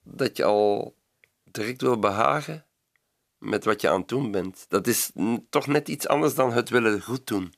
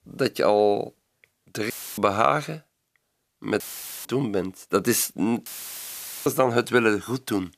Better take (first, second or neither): first